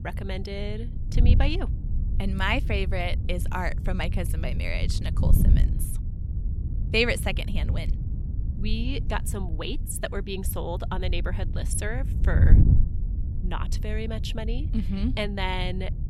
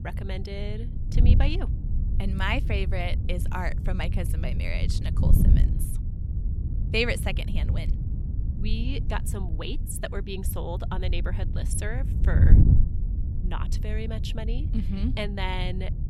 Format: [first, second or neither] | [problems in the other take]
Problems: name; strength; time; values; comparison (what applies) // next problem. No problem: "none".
first | wind noise on the microphone; heavy; 8 dB below the speech; occasional gusts in the first